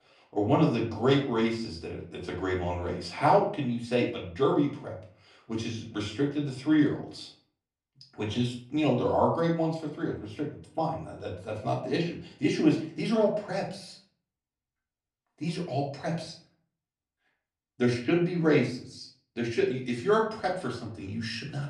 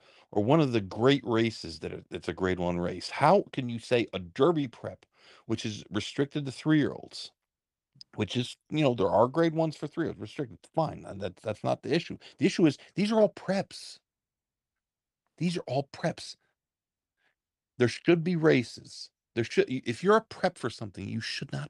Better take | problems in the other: second | off-mic speech; far // room echo; slight; dies away in 0.4 s

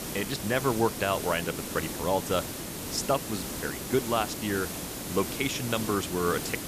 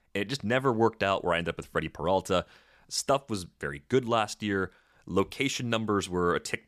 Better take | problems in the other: second | hiss; loud; throughout; 5 dB below the speech

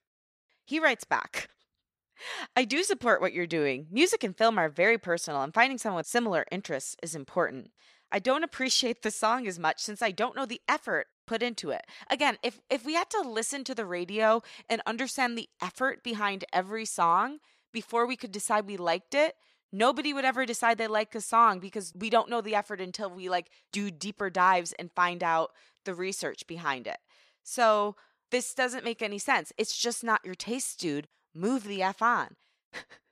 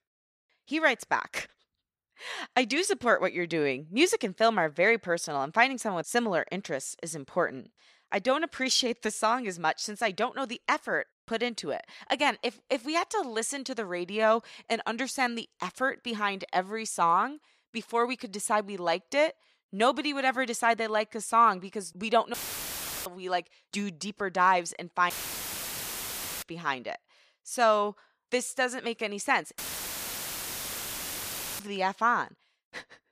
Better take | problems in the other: first | audio cutting out; filled with static; at 22 s for 0.5 s, at 25 s for 1.5 s and at 30 s for 2 s

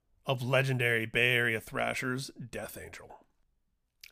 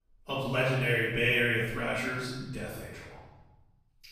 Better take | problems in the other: first | off-mic speech; far // room echo; strong; dies away in 1.1 s

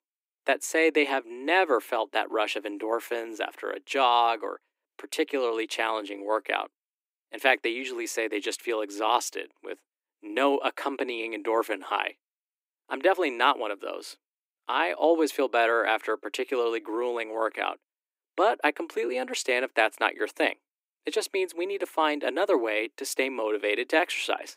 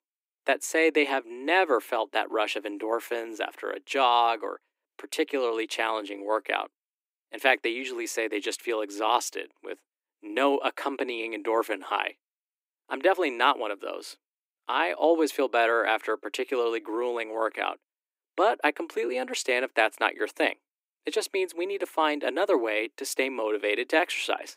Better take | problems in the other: neither | thin; very; fading below 300 Hz; the same in both

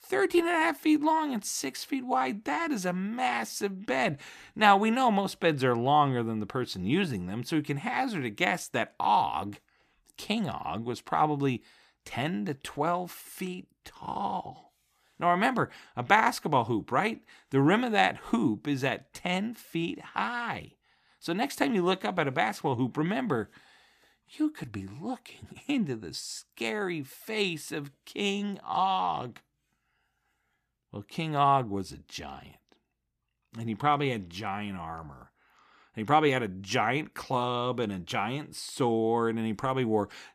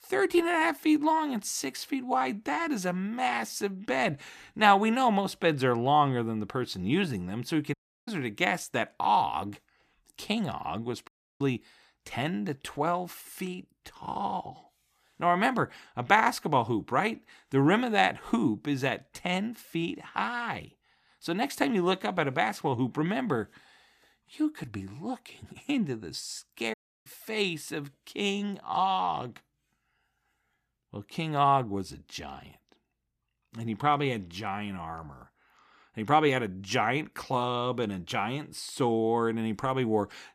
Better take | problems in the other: first | audio cutting out; at 7.5 s, at 11 s and at 27 s

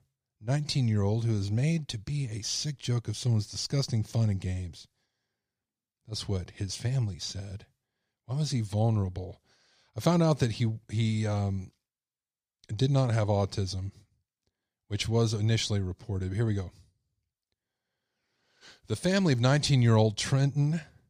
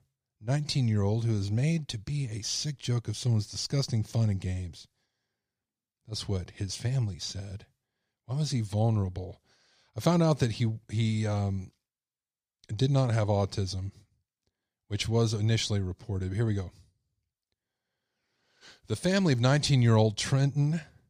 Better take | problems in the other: neither | none

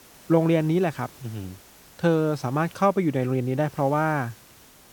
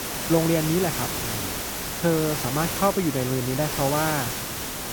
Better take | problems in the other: first | hiss; loud; throughout; 2 dB below the speech; faint in the first

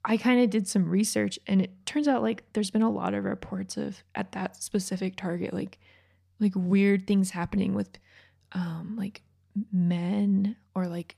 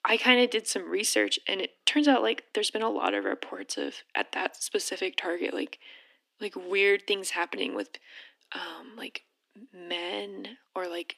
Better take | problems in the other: first | thin; somewhat; fading below 250 Hz

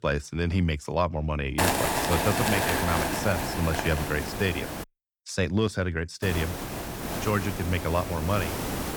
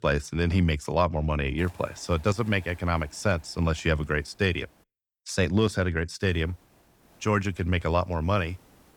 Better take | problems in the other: second | hiss; loud; from 1.5 to 5 s and from 6 s on; 1 dB below the speech; faint in the second

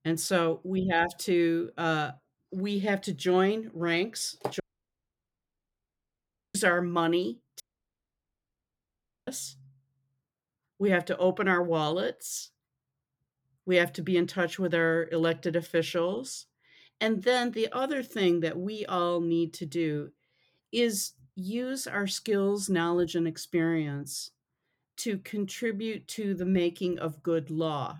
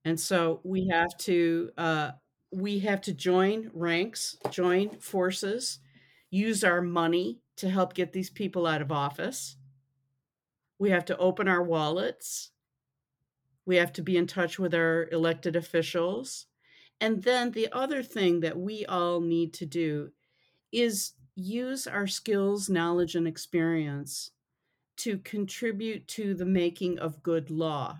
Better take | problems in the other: second | audio cutting out; at 4.5 s for 2 s and at 7.5 s for 1.5 s

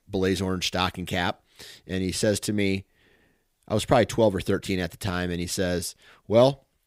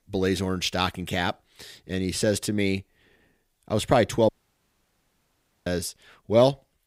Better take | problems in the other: first | audio cutting out; at 4.5 s for 1.5 s

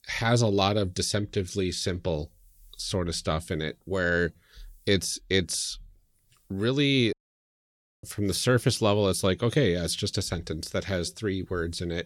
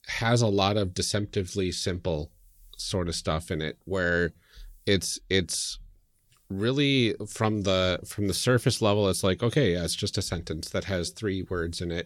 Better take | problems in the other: second | audio cutting out; at 7 s for 1 s

